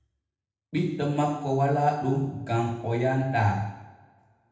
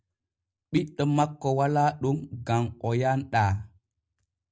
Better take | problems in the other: second | room echo; dies away in 0.9 s

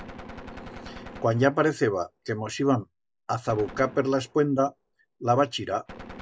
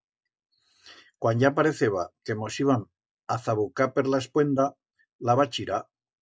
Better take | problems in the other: second | background sound (Gunshot, gunfire); 18 dB below the speech

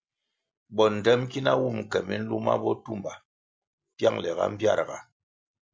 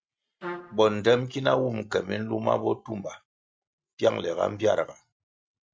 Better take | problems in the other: first | noise reduction (neural mask model RNNoise)

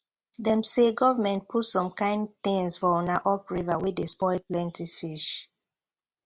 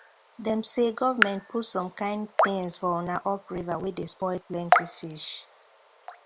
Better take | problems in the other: first | background sound (Raindrop / Drip); 1 dB below the speech

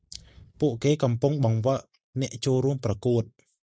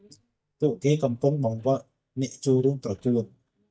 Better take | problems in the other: first | noise reduction (neural mask model DeepFilterNet 3)

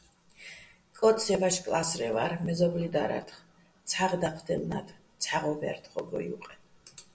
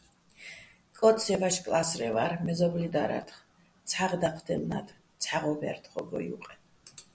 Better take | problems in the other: second | room echo; dies away in 0.3 s

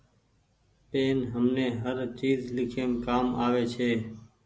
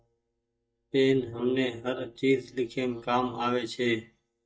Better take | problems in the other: first | noise reduction (neural mask model DeepFilterNet 3)

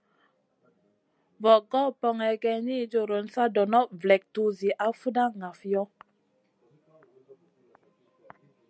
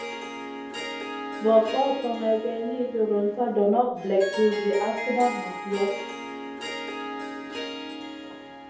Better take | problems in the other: first | background sound (Harp); 9 dB below the speech // room echo; dies away in 0.7 s

